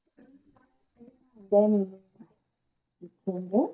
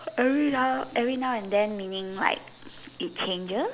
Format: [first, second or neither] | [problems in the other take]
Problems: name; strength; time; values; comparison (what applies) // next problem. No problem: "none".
second | noise reduction (neural mask model DeepFilterNet 3)